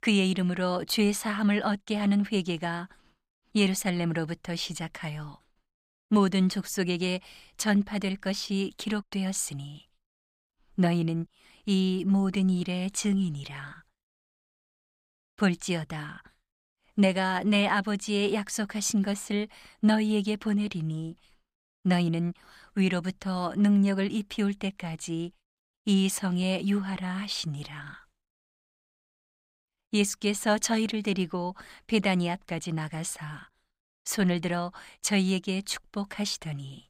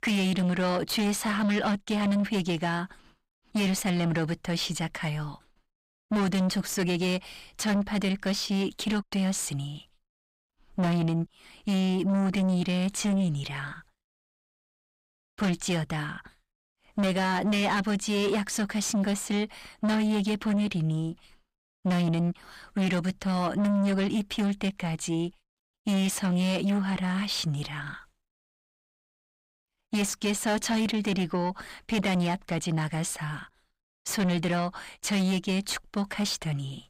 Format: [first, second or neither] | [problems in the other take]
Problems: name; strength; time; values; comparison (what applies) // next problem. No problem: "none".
first | distortion; heavy; 8 dB below the speech